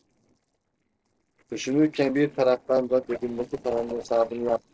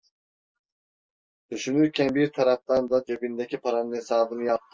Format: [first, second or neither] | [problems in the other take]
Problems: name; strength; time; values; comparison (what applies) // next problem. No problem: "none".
second | noise reduction (neural separator model SepFormer DNS4)